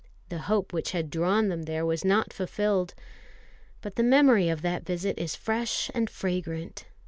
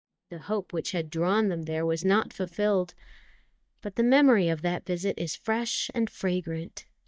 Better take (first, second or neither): first